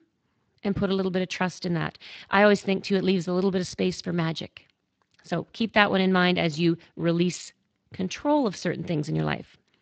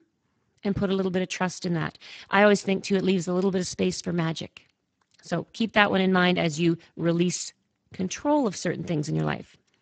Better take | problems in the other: first | garbled, watery; badly; nothing above 8 kHz; slightly in the first

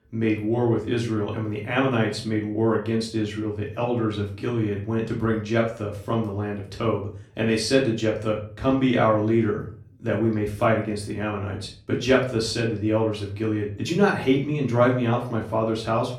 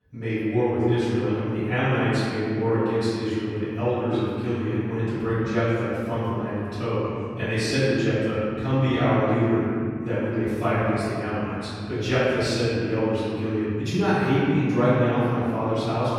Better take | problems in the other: first | room echo; strong; dies away in 2.3 s; slight in the first // off-mic speech; far; far in the first

